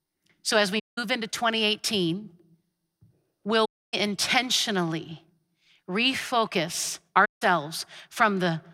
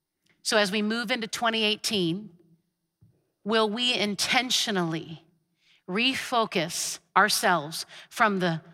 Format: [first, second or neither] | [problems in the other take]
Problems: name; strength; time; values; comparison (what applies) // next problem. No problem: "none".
second | audio cutting out; at 1 s, at 3.5 s and at 7.5 s